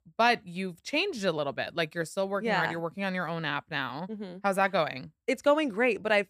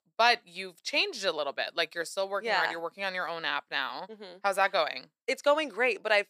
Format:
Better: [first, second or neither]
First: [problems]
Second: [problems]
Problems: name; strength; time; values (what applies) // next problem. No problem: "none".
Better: first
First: none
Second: thin; somewhat; fading below 500 Hz